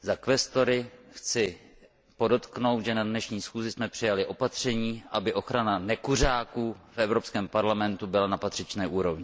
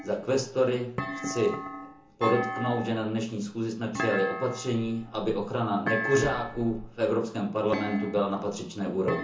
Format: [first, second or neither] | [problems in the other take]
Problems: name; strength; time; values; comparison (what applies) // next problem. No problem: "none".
first | background sound (Thump, thud); 8 dB below the speech // room echo; dies away in 0.8 s